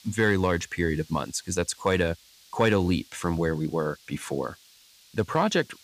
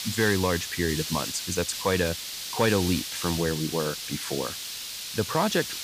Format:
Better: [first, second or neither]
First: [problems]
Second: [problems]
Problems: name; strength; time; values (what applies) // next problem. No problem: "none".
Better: first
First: hiss; faint; throughout; 25 dB below the speech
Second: hiss; loud; throughout; 4 dB below the speech